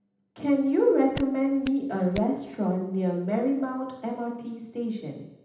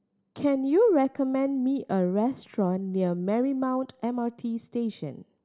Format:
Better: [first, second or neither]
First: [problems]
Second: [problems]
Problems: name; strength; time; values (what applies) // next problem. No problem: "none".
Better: second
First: background sound (Hands); 16 dB below the speech // room echo; dies away in 0.9 s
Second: none